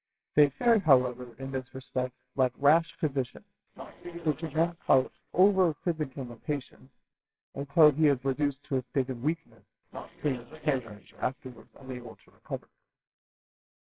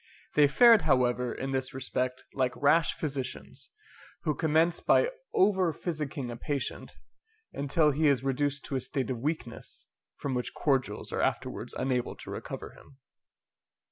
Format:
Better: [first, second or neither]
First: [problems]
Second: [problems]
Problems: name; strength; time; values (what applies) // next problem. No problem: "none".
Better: second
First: noise reduction (neural separator model SepFormer WHAMR!)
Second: none